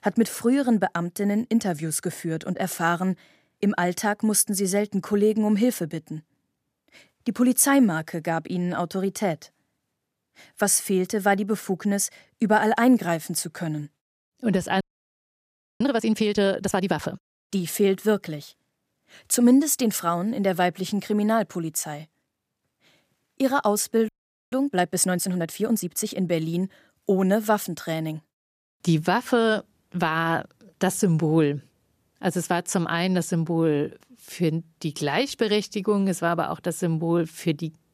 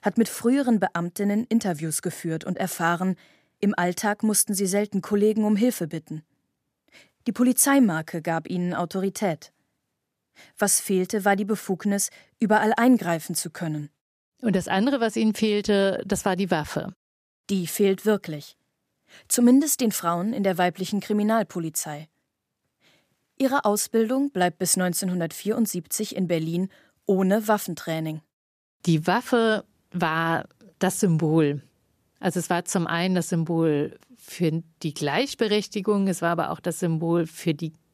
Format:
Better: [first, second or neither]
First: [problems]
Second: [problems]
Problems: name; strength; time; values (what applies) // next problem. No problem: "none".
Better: second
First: audio freezing; at 15 s for 1 s and at 24 s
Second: none